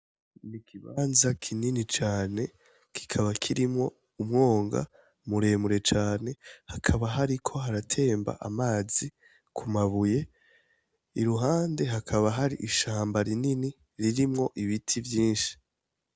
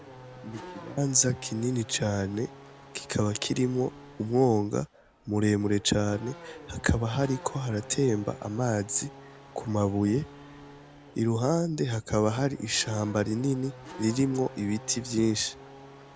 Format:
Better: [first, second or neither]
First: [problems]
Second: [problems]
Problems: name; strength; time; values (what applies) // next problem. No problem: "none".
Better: first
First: none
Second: background sound (Race car, auto racing / Accelerating, revving, vroom); 18 dB below the speech